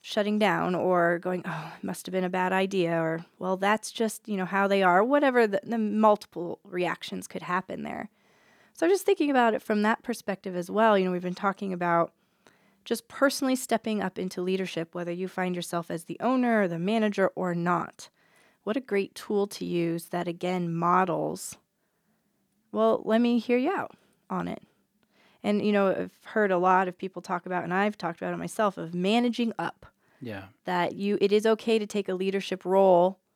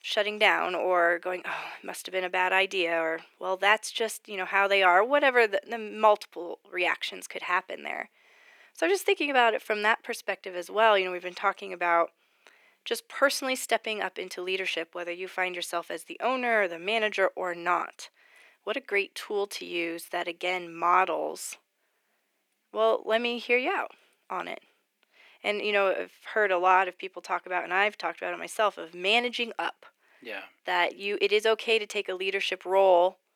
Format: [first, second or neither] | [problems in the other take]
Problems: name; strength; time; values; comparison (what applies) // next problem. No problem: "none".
first | thin; very; fading below 400 Hz